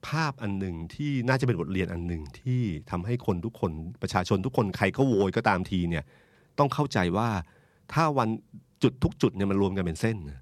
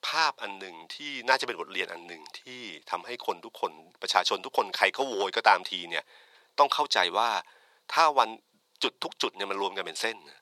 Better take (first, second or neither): first